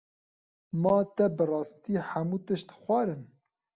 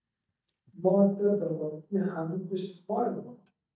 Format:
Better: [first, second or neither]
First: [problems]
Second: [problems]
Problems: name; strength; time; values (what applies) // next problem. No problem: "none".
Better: first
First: none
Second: noise reduction (neural mask model DeepFilterNet 3)